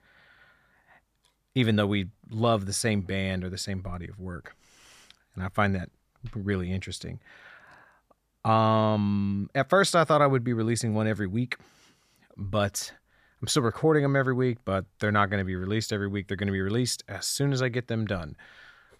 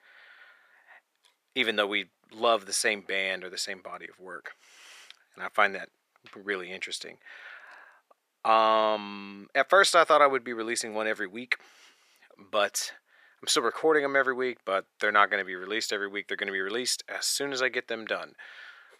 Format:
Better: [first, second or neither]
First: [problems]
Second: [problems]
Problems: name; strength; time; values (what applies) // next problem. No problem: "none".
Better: first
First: none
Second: thin; very; fading below 400 Hz